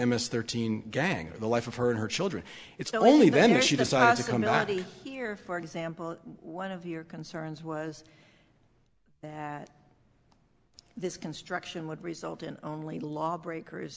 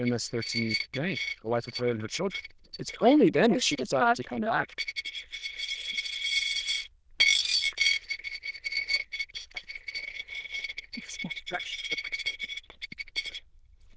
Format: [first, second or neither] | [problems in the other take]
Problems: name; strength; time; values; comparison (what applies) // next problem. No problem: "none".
first | noise reduction (neural diffusion model UNIVERSE++)